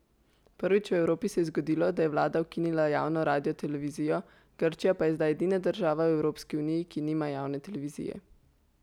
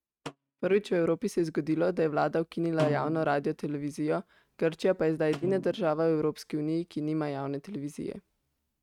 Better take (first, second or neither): first